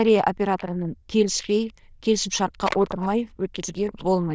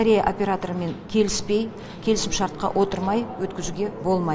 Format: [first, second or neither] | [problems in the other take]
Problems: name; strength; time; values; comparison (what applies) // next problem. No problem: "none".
second | noise reduction (neural diffusion model UNIVERSE++)